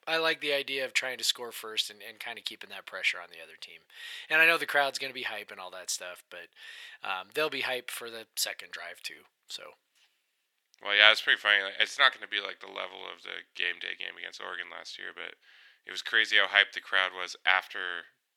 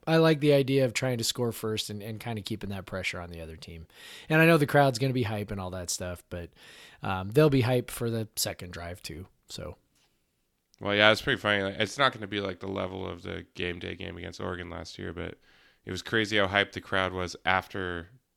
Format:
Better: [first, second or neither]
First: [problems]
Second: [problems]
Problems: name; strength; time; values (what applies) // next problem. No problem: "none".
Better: second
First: thin; very; fading below 700 Hz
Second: none